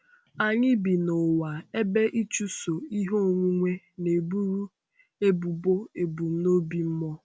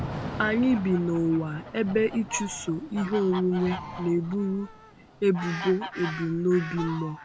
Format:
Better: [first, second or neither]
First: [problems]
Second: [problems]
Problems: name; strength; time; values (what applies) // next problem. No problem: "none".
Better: first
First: none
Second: background sound (Fowl + Thunder / Rain); 11 dB below the speech